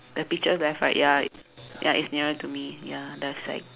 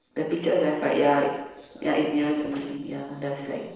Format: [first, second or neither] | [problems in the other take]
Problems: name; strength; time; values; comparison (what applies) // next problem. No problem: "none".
first | noise reduction (neural separator model SepFormer DNS4)